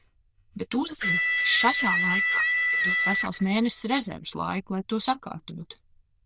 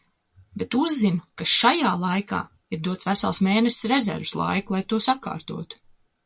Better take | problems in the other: second | noise reduction (neural diffusion model UNIVERSE++)

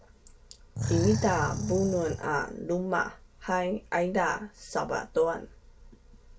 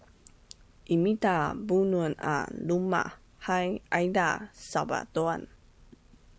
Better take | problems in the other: second | background sound (Animal); 3 dB below the speech // room echo; dies away in 0.2 s

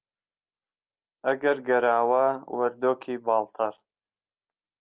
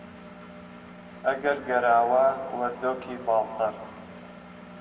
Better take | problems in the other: first | background sound (Engine); 17 dB below the speech // room echo; dies away in 1.6 s

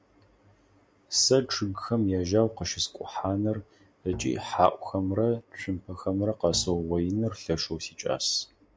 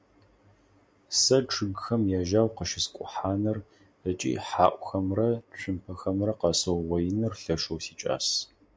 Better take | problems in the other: second | background sound (Bowed string instrument); 17 dB below the speech

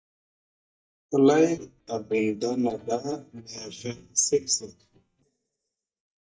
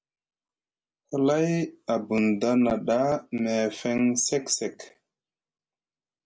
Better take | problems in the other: second | noise reduction (neural mask model DeepFilterNet 3)

